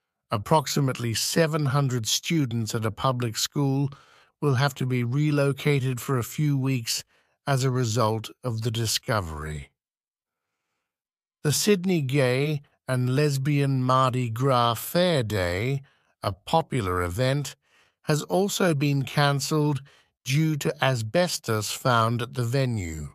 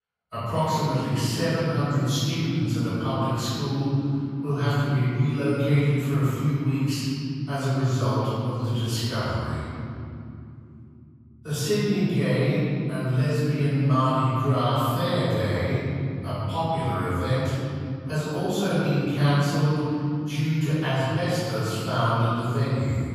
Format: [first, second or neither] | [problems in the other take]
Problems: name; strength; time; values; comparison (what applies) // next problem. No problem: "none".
first | room echo; strong; dies away in 3 s // off-mic speech; far